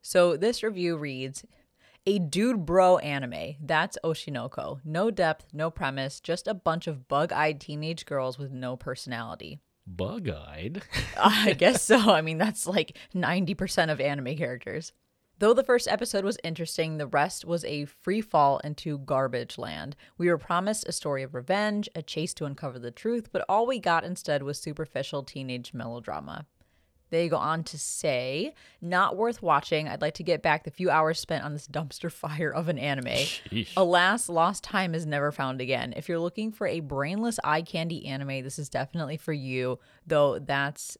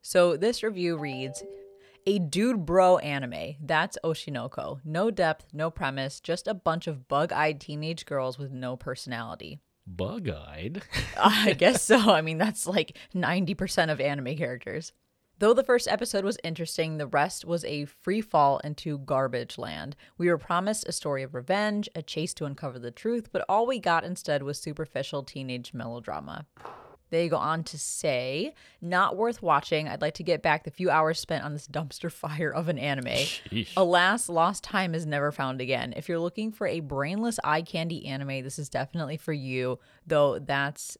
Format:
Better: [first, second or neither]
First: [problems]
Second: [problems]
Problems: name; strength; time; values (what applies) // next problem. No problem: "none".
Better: first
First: none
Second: phone ringing; faint; at 1 s; peak 15 dB below the speech // footsteps; faint; at 27 s; peak 20 dB below the speech